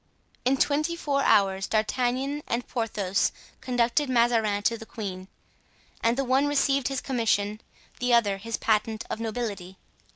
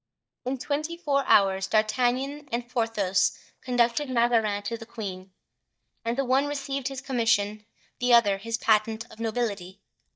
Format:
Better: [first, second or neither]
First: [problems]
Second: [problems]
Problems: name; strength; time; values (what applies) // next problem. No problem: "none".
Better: first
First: none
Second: noise reduction (neural mask model DeepFilterNet 3)